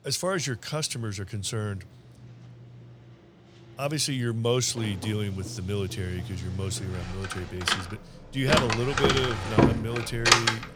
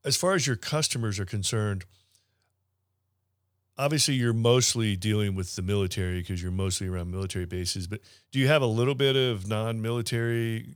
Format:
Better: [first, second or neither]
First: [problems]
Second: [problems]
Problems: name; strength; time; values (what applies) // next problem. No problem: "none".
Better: second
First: household noises; very loud; throughout; 3 dB above the speech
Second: none